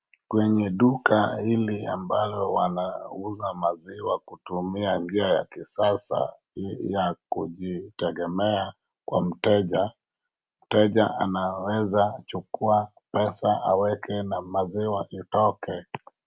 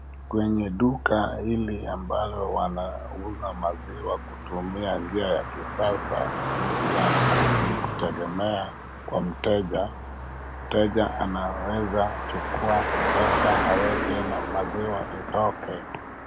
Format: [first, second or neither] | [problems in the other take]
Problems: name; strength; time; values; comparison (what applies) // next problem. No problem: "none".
first | background sound (Car passing by); 2 dB below the speech